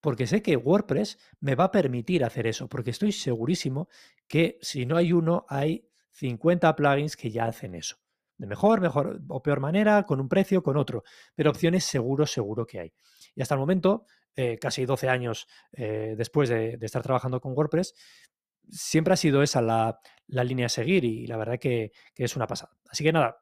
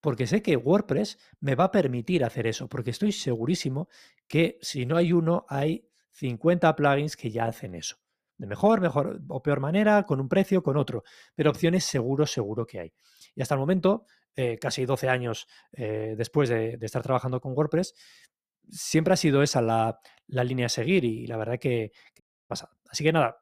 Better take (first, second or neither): first